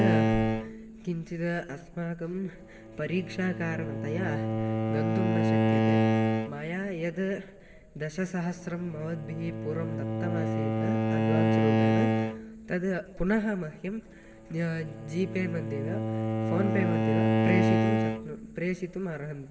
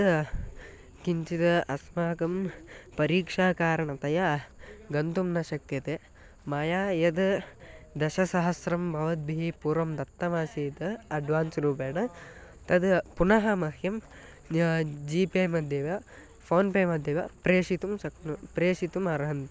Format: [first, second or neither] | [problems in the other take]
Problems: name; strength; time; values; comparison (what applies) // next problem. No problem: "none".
second | background sound (Bowed string instrument); 4 dB above the speech // room echo; dies away in 1.8 s